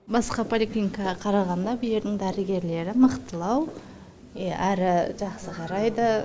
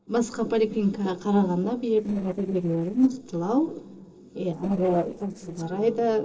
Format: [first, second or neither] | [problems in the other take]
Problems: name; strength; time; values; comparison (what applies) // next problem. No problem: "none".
first | noise reduction (neural separator model SepFormer DNS4)